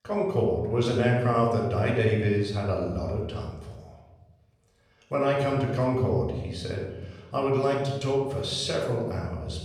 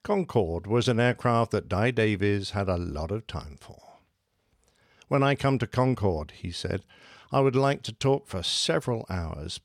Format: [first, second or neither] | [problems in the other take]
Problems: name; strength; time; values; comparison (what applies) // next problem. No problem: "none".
second | off-mic speech; far // room echo; noticeable; dies away in 1.1 s